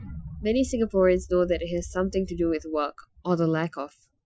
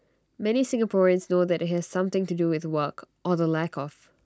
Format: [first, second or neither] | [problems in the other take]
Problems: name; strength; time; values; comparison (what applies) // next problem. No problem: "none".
second | noise reduction (classical method Wiener filter)